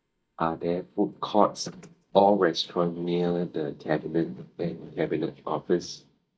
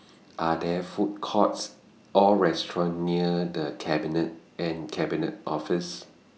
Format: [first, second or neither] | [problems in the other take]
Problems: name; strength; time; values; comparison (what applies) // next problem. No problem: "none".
second | noise reduction (neural mask model DeepFilterNet 3)